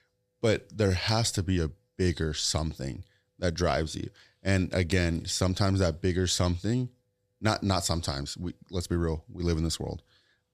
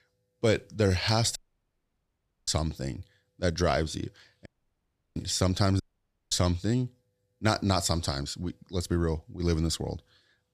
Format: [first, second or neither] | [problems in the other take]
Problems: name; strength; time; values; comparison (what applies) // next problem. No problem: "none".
first | audio cutting out; at 1.5 s for 1 s, at 4.5 s for 0.5 s and at 6 s for 0.5 s